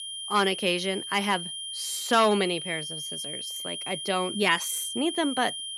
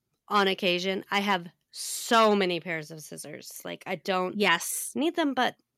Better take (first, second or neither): second